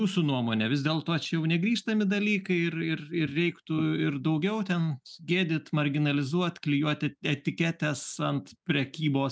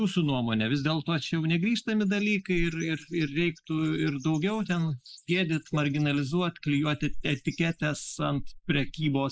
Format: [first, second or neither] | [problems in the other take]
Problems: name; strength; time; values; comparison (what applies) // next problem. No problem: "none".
first | noise reduction (neural mask model Resemble Enhance denoiser)